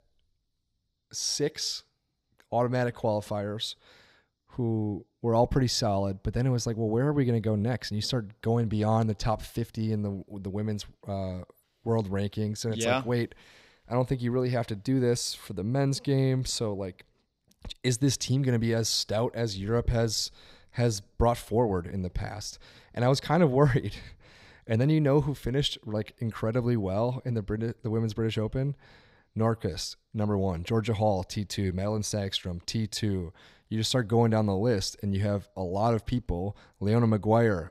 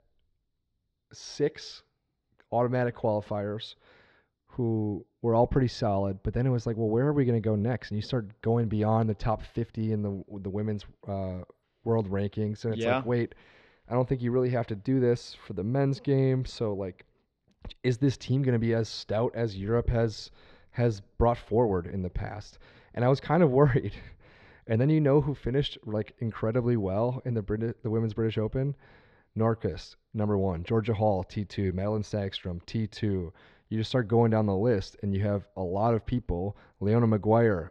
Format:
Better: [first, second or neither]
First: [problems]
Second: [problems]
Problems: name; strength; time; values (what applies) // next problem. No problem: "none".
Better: first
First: none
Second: muffled; slightly; fading above 2.5 kHz